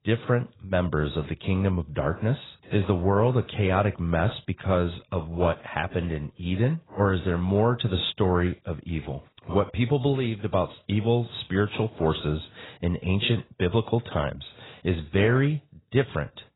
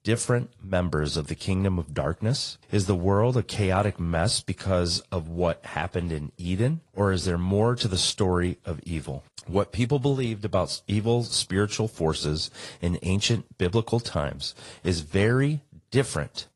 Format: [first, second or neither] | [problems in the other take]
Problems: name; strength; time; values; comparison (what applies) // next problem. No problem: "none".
second | garbled, watery; badly; nothing above 4 kHz; slightly in the second